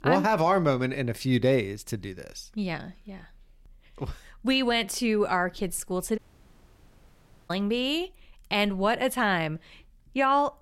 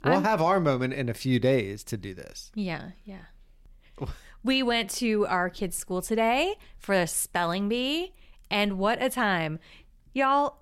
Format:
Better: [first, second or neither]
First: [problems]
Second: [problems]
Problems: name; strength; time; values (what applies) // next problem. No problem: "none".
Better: second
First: audio cutting out; at 6 s for 1.5 s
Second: none